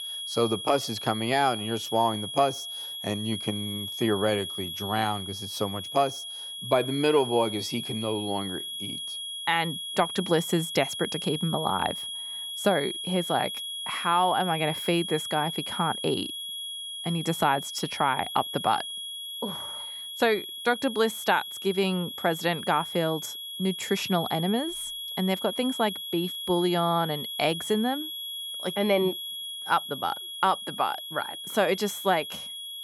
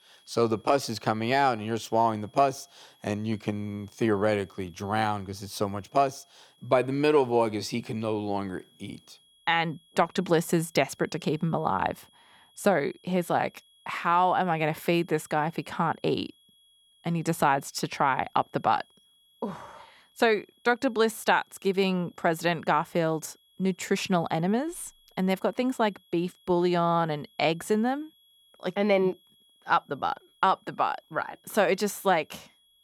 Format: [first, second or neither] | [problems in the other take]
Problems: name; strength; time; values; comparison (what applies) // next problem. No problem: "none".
second | high-pitched whine; loud; throughout; 3.5 kHz, 6 dB below the speech; faint in the second